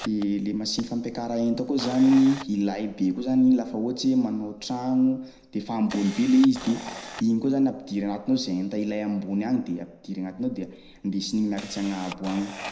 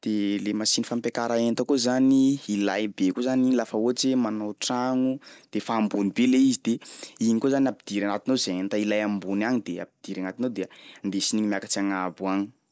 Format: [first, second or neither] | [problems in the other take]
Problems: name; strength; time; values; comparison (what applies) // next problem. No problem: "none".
second | background sound (Camera); 19 dB below the speech // room echo; dies away in 0.8 s